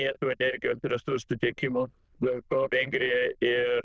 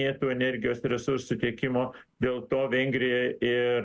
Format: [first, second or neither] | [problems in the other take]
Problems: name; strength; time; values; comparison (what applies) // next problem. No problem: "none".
second | noise reduction (neural diffusion model UNIVERSE++)